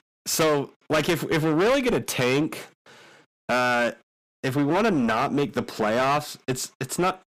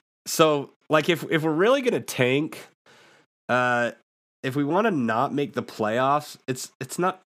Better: second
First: distortion; heavy; 15% of the sound clipped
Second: none

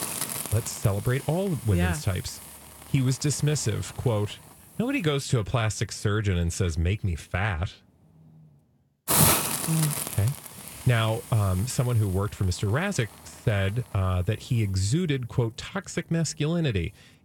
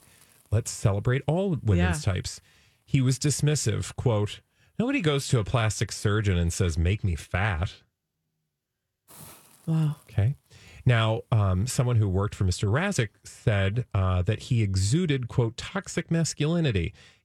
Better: second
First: hiss; loud; throughout; 1 dB below the speech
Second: hiss; faint; throughout; 30 dB below the speech

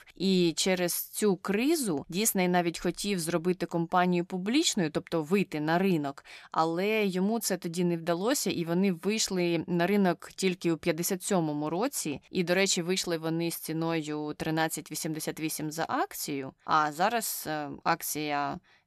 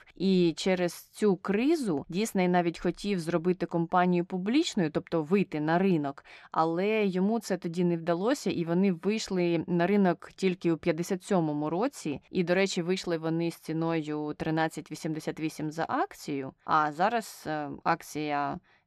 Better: first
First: none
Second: muffled; slightly; fading above 2 kHz

